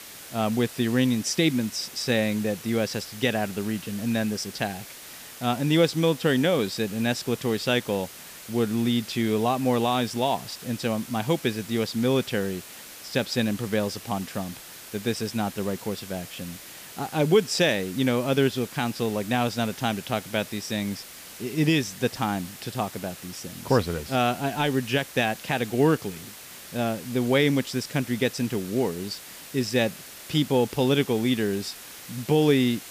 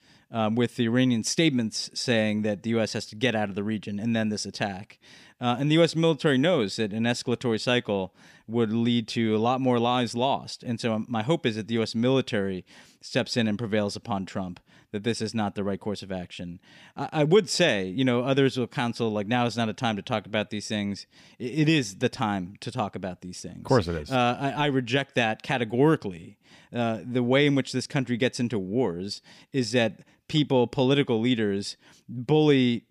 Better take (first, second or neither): second